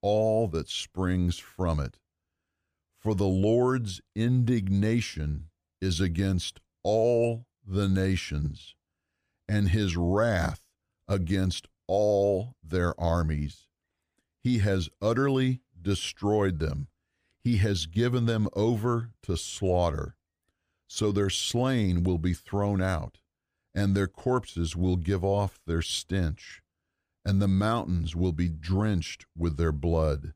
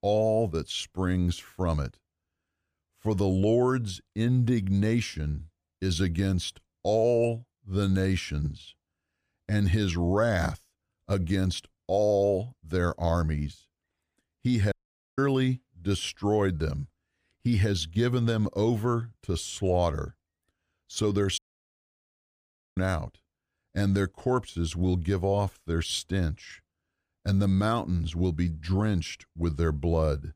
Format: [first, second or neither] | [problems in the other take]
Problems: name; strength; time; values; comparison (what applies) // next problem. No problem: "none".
first | audio cutting out; at 15 s and at 21 s for 1.5 s